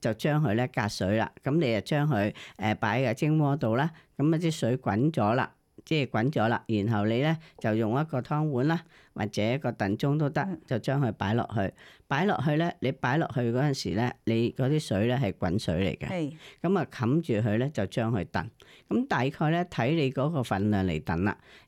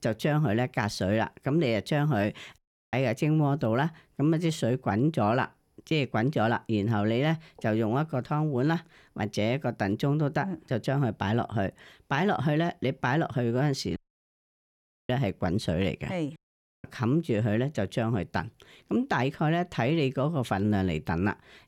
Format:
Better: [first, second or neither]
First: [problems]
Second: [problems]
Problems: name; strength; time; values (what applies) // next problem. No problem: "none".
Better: first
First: none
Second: audio cutting out; at 2.5 s, at 14 s for 1 s and at 16 s